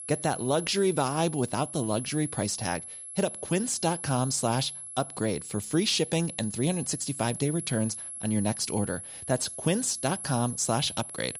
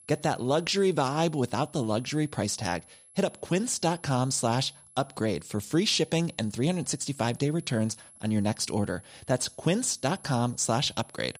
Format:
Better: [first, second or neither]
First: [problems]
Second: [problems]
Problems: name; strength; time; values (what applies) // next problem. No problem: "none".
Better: second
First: high-pitched whine; loud; throughout; 11 kHz, 8 dB below the speech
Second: high-pitched whine; faint; throughout; 11 kHz, 25 dB below the speech